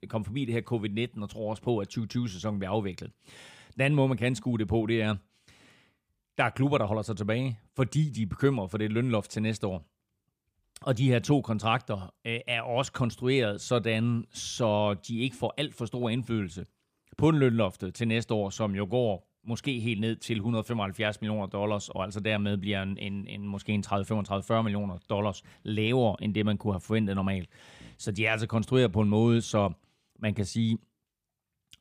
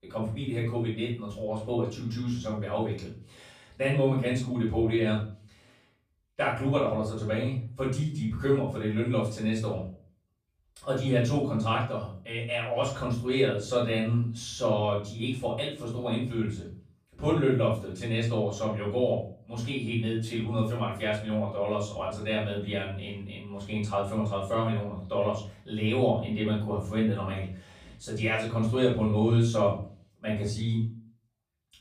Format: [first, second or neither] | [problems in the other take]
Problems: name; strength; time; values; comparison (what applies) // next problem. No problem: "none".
first | off-mic speech; far // room echo; noticeable; dies away in 0.4 s